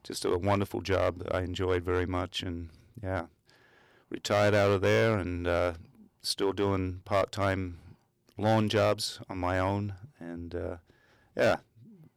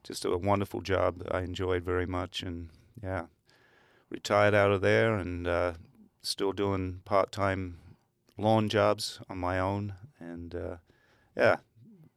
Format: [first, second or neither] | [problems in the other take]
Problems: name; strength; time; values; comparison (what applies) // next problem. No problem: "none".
second | distortion; slight; 3% of the sound clipped